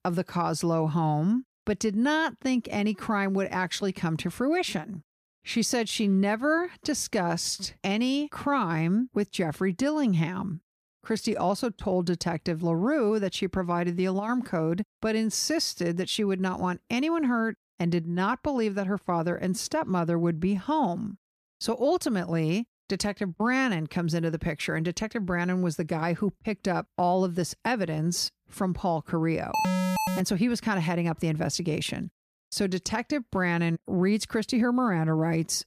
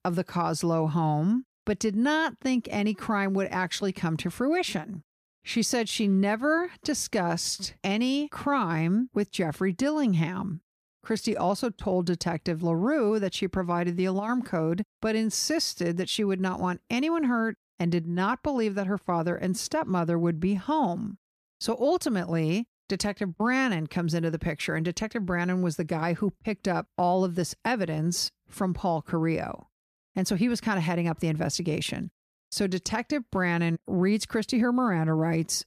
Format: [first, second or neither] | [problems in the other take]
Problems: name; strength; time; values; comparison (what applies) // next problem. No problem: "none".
second | alarm; loud; at 30 s; peak 2 dB above the speech